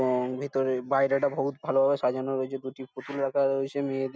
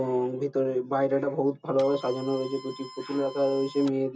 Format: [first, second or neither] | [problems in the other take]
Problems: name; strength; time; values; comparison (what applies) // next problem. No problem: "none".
first | background sound (Printer); 17 dB below the speech // room echo; dies away in 0.2 s